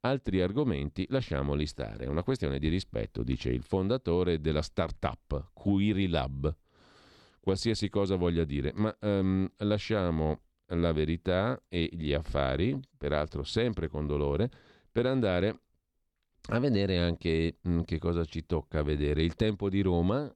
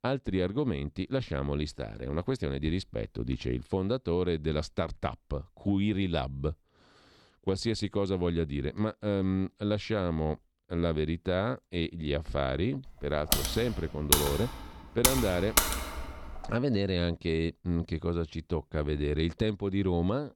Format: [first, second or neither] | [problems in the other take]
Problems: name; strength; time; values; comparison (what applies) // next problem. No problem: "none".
first | keyboard typing; loud; from 13 to 17 s; peak 6 dB above the speech